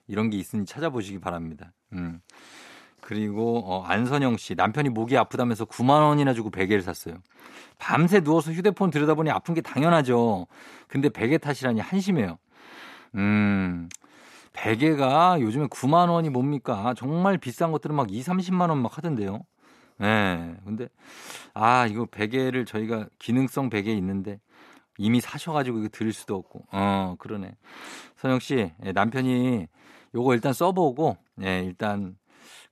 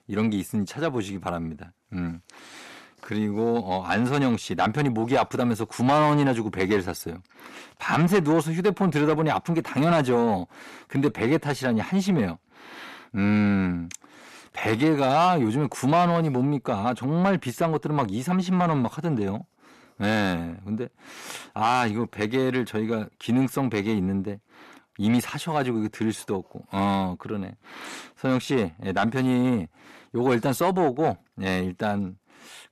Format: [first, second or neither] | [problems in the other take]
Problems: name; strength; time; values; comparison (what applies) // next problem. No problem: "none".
first | distortion; slight; 10 dB below the speech